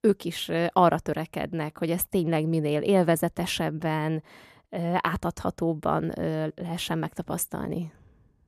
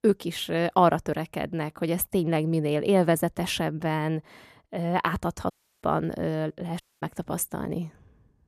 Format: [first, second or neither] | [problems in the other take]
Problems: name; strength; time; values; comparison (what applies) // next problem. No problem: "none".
first | audio cutting out; at 5.5 s and at 7 s